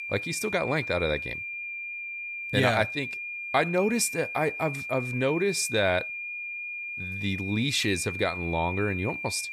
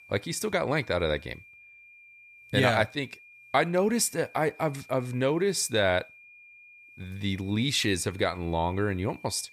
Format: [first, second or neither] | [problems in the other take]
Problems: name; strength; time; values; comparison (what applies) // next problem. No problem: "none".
second | high-pitched whine; loud; throughout; 2.5 kHz, 6 dB below the speech; faint in the second